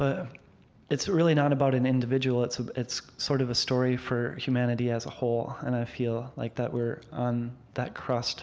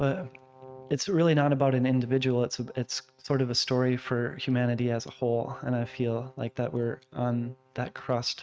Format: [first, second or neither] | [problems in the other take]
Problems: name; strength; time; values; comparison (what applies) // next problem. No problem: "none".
first | noise reduction (neural mask model RNNoise)